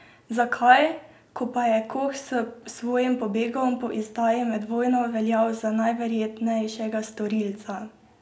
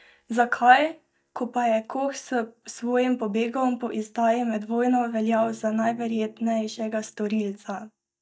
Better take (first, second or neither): first